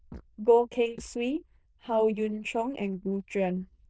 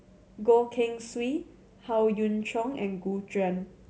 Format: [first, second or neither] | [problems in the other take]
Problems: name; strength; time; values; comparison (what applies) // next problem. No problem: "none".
second | noise reduction (neural diffusion model UNIVERSE++)